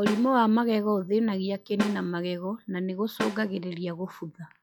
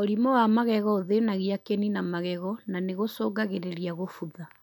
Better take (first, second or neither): second